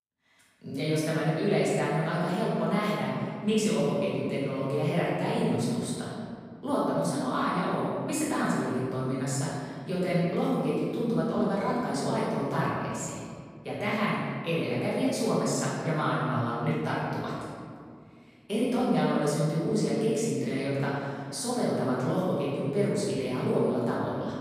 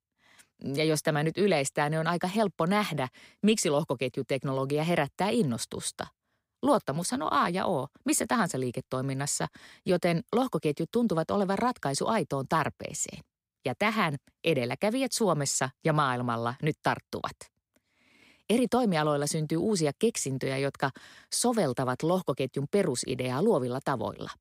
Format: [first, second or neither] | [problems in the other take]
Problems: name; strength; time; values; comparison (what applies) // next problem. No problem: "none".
second | room echo; strong; dies away in 2.2 s // off-mic speech; far